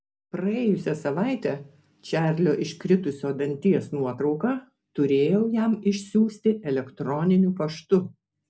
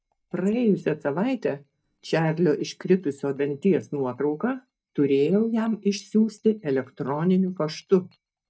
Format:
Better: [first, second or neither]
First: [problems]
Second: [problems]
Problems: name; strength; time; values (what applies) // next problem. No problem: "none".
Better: first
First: none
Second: noise reduction (neural mask model DeepFilterNet 3)